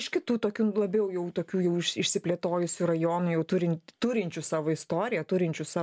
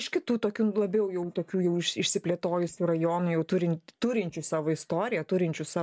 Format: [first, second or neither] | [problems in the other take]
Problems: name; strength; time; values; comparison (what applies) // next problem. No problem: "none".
first | noise reduction (neural mask model DeepFilterNet 3)